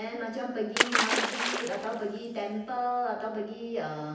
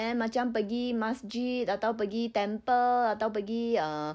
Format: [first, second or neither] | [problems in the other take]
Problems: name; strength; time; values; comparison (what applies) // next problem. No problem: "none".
second | background sound (Splash, splatter); 2 dB above the speech // room echo; dies away in 0.9 s